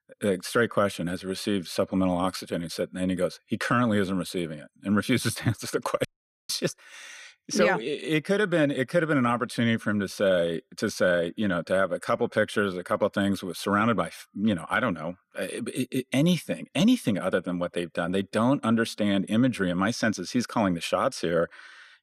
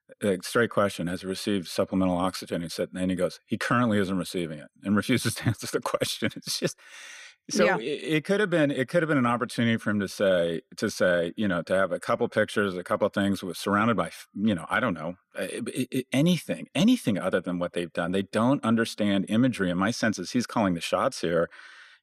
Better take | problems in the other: second | audio cutting out; at 6 s

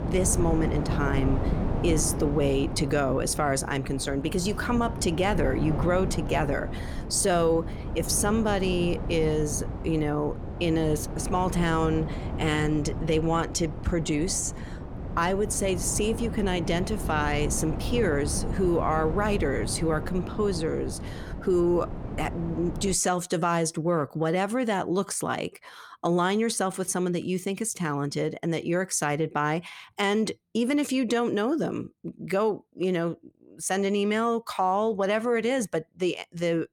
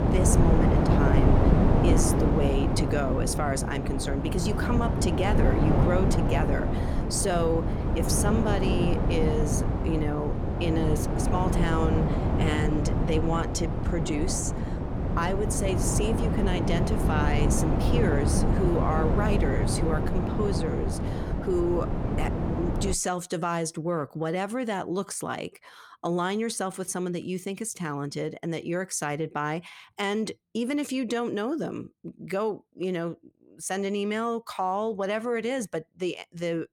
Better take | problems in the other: first | wind noise on the microphone; heavy; until 23 s; 1 dB below the speech; occasional gusts in the first

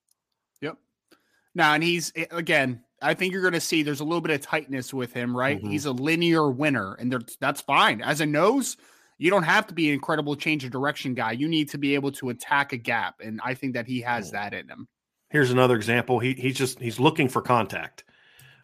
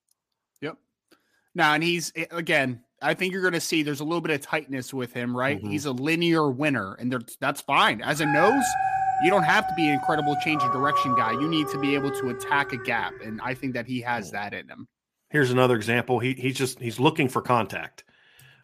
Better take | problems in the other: first | dog barking; loud; from 8 to 13 s; peak 2 dB above the speech

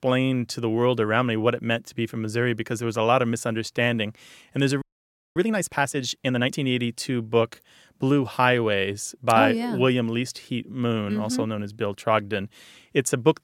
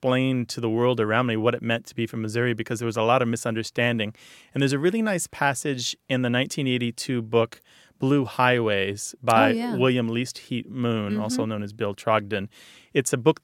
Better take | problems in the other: second | audio freezing; at 5 s for 0.5 s

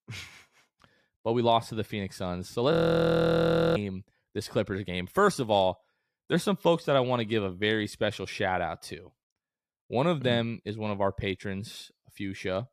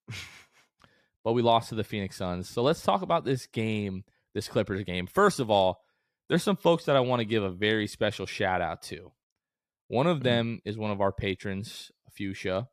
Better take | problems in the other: second | audio freezing; at 2.5 s for 1 s

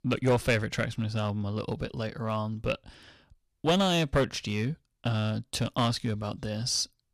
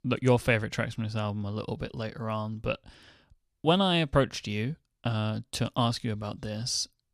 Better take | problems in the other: second | distortion; slight; 3% of the sound clipped

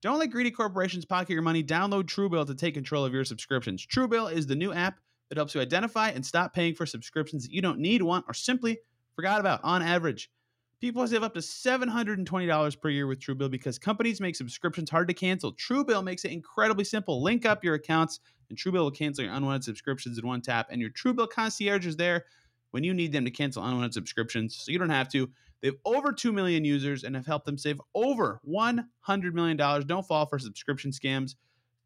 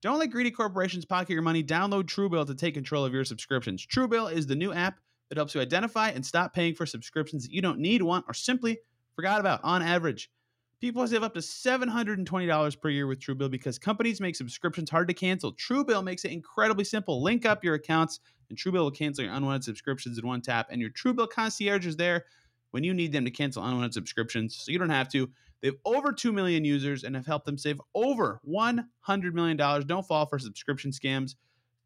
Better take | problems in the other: neither | none

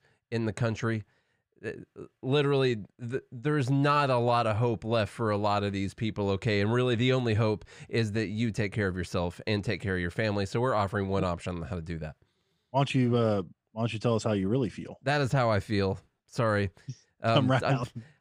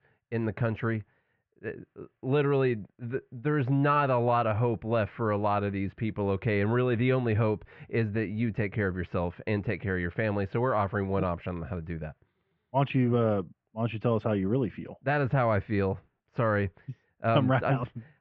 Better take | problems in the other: first | muffled; very; fading above 2.5 kHz

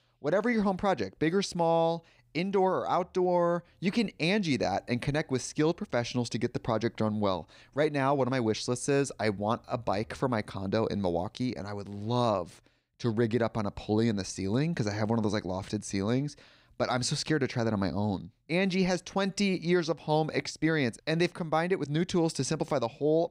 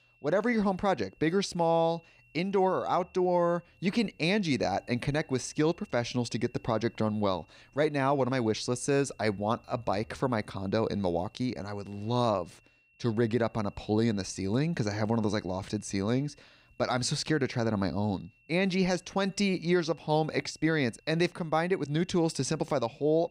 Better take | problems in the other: first | high-pitched whine; faint; throughout; 2.5 kHz, 35 dB below the speech

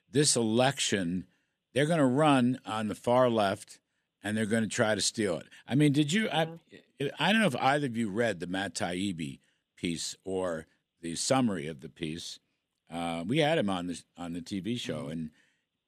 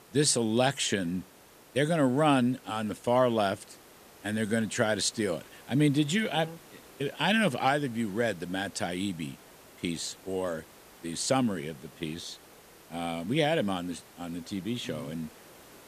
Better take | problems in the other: first | hiss; faint; throughout; 25 dB below the speech

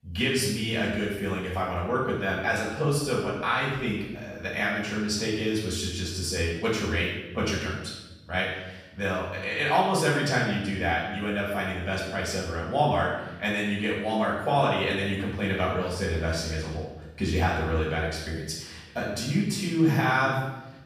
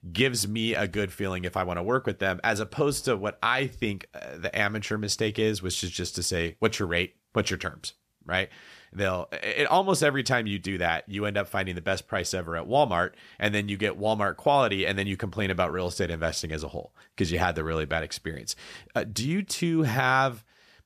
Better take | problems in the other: second | off-mic speech; far // room echo; noticeable; dies away in 0.9 s

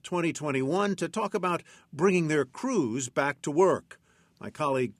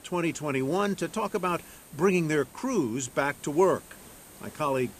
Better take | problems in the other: first | hiss; faint; throughout; 20 dB below the speech

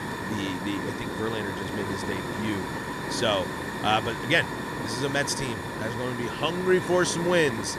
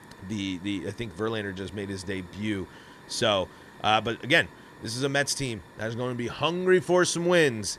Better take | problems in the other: second | hiss; loud; throughout; 4 dB below the speech; faint in the second

